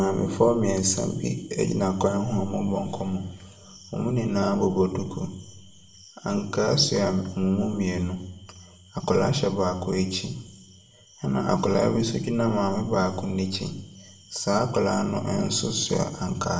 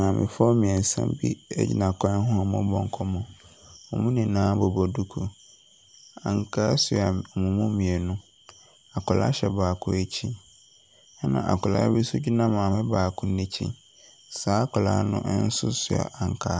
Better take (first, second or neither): second